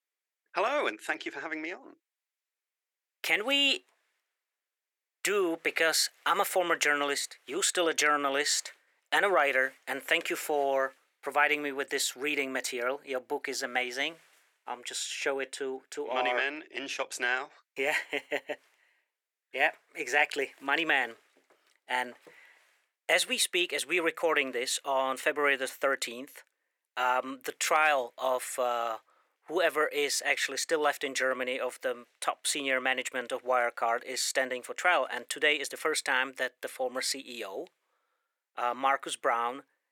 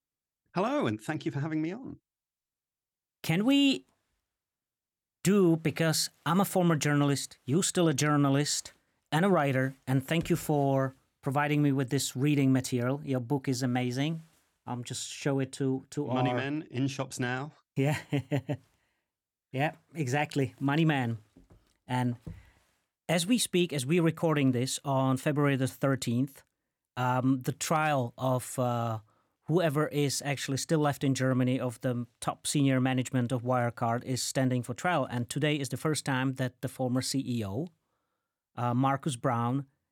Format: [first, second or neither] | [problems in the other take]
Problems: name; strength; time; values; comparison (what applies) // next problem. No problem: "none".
second | thin; very; fading below 450 Hz